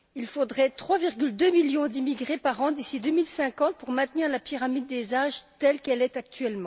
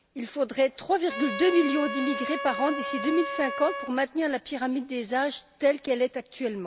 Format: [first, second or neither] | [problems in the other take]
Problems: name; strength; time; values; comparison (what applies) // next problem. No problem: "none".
first | background sound (Trumpet); 7 dB below the speech